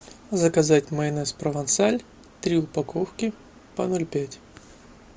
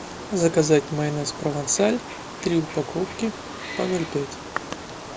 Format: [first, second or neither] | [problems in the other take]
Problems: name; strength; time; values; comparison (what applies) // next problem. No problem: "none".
first | background sound (Wild animals); 10 dB below the speech